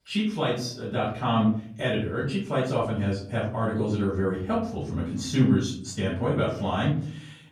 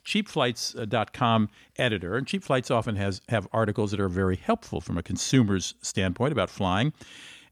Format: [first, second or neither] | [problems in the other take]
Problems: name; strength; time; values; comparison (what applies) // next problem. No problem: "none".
second | off-mic speech; far // room echo; noticeable; dies away in 0.6 s